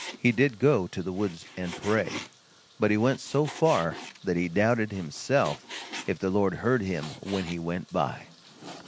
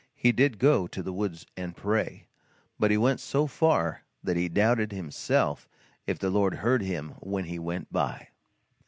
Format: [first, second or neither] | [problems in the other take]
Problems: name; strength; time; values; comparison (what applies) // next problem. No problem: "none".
second | background sound (Frying (food)); 16 dB below the speech